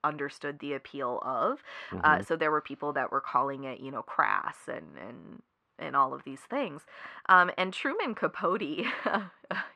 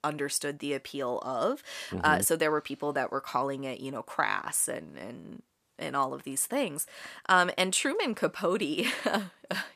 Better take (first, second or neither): second